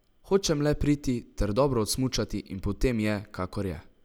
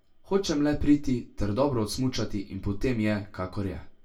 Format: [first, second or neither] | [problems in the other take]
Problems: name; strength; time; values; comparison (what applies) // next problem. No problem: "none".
first | room echo; dies away in 0.2 s